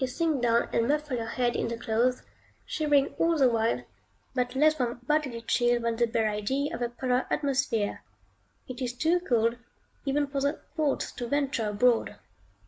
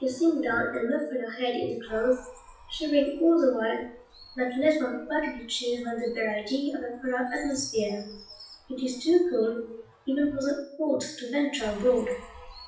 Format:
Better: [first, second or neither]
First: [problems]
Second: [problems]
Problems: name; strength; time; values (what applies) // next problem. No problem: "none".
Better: first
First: none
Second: noise reduction (classical method WPE with log-MMSE)